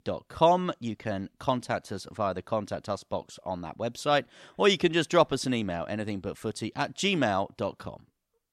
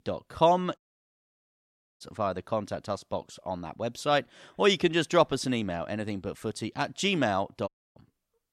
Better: first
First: none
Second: audio cutting out; at 1 s for 1 s and at 7.5 s

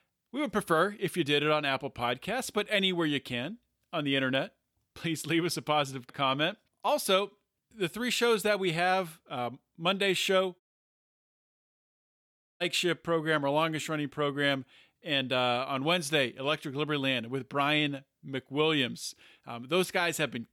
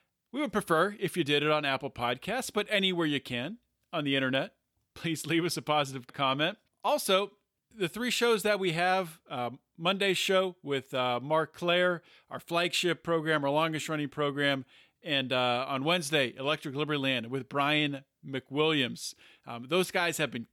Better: second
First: audio cutting out; at 11 s for 2 s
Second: none

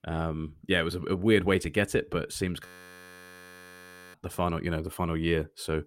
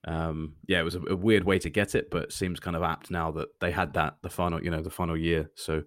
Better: second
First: audio freezing; at 2.5 s for 1.5 s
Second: none

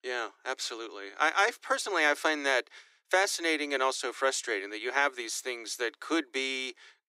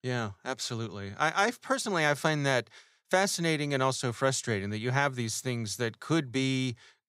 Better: second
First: thin; very; fading below 300 Hz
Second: none

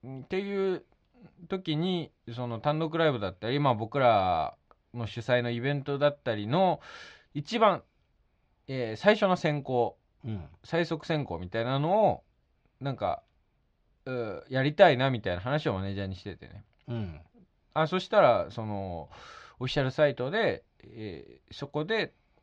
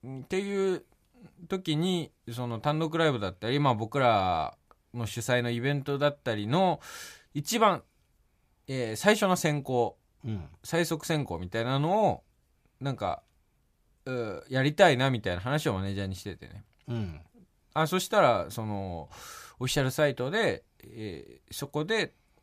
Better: second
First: muffled; slightly; fading above 4.5 kHz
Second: none

